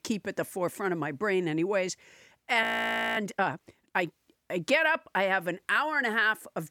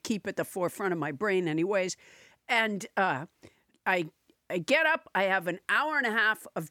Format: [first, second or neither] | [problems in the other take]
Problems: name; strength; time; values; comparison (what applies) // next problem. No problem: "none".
second | audio freezing; at 2.5 s for 0.5 s